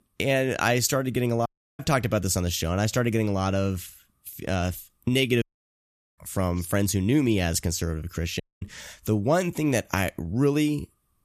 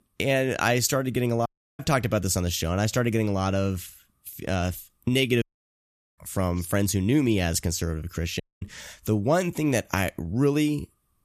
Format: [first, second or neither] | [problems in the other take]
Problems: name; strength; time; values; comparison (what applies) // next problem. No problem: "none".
neither | audio cutting out; at 1.5 s, at 5.5 s for 1 s and at 8.5 s; the same in both